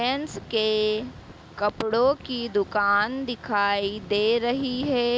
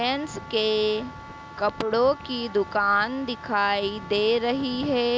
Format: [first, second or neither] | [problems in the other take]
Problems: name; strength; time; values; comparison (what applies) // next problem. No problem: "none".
first | background sound (Wind instrument, woodwind instrument); 18 dB below the speech